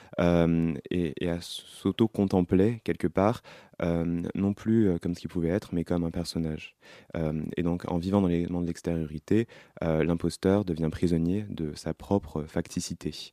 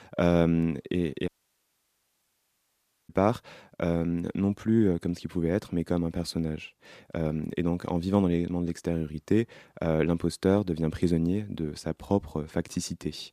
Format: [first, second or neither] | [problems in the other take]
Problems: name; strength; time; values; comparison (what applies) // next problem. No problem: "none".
first | audio cutting out; at 1.5 s for 2 s